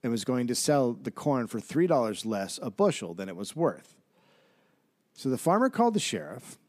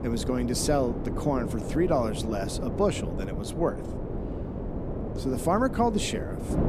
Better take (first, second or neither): first